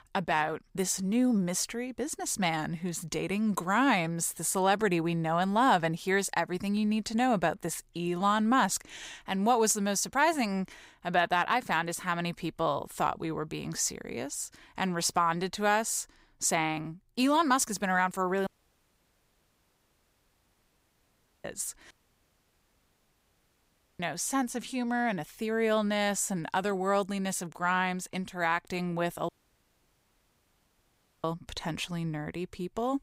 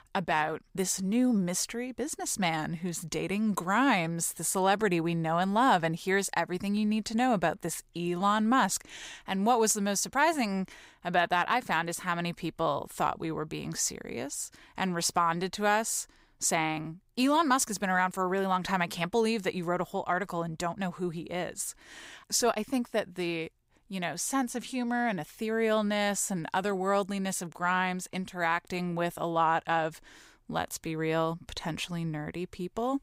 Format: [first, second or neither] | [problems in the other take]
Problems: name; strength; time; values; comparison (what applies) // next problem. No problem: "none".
second | audio cutting out; at 18 s for 3 s, at 22 s for 2 s and at 29 s for 2 s